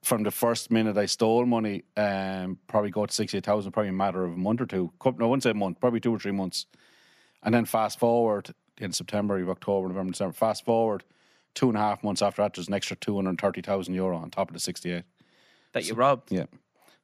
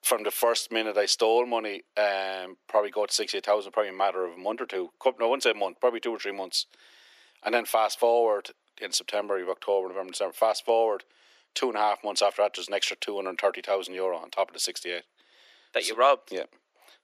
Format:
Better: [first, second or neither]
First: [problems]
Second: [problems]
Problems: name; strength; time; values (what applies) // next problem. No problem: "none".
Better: first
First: none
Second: thin; very; fading below 350 Hz